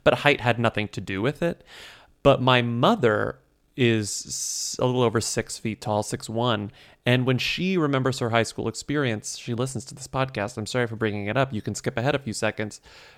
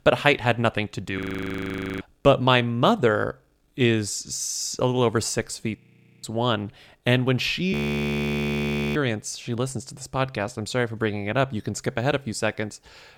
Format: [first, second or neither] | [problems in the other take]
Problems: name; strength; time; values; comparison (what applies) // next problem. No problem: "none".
first | audio freezing; at 1 s for 1 s, at 6 s and at 7.5 s for 1 s